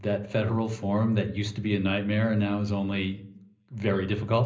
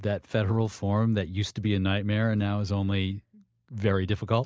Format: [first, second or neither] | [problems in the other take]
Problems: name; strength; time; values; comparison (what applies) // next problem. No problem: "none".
second | room echo; dies away in 0.5 s